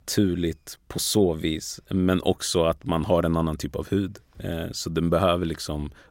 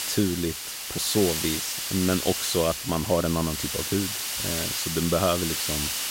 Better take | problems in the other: first | hiss; loud; throughout; 1 dB below the speech

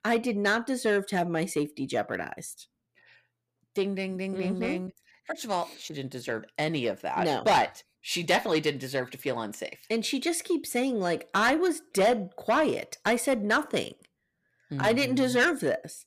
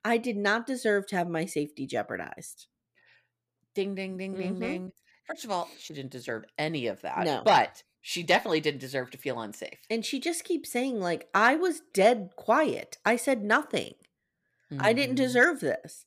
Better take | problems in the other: second | distortion; slight; 10 dB below the speech

